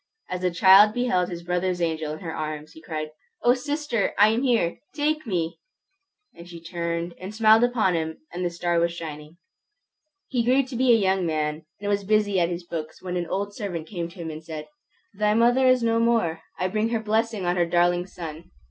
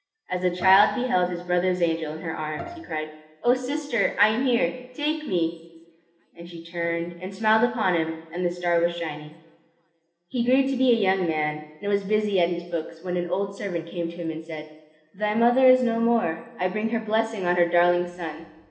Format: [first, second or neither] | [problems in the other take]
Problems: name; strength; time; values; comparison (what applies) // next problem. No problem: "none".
first | background sound (Bowed string instrument); 16 dB below the speech // room echo; dies away in 1.1 s